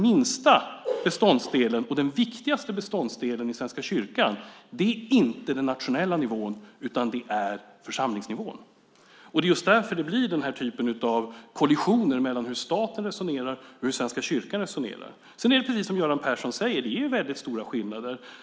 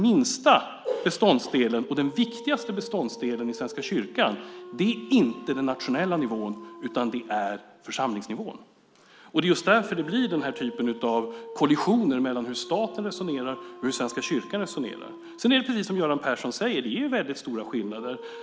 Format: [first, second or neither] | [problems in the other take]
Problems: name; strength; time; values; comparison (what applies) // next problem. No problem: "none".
first | background sound (Dog); 17 dB below the speech